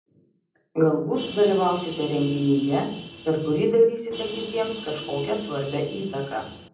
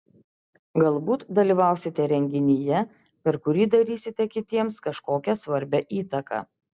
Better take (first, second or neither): second